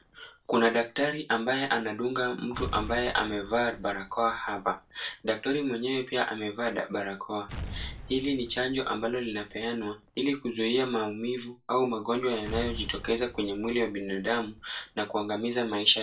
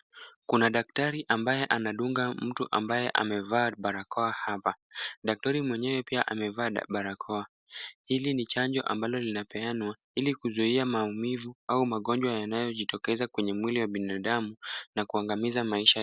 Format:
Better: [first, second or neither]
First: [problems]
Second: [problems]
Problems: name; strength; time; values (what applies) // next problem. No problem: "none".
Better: second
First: background sound (Explosion); 16 dB below the speech // room echo; dies away in 0.2 s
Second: none